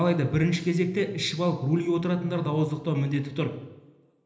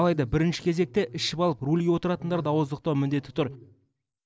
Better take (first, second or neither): second